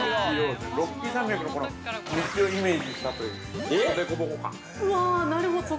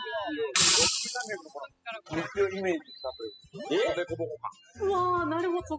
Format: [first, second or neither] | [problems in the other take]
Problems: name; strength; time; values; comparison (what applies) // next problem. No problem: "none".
first | noise reduction (classical method spectral subtraction)